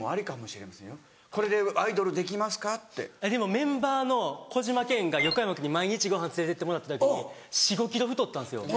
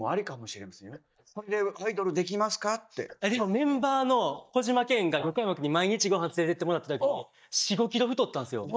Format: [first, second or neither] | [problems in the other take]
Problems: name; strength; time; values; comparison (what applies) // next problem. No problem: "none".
first | noise reduction (neural mask model DeepFilterNet 3)